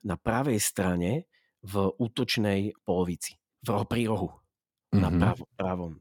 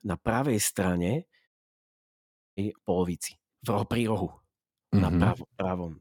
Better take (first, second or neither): first